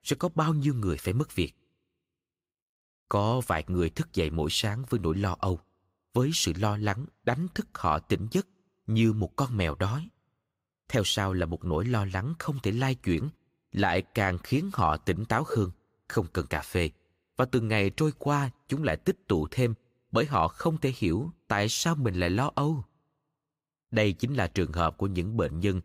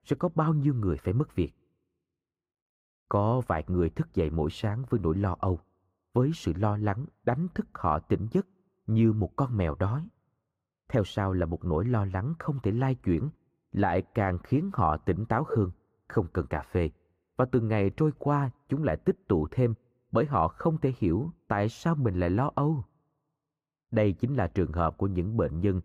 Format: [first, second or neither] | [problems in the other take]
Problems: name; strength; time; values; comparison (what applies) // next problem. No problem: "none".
first | muffled; very; fading above 2 kHz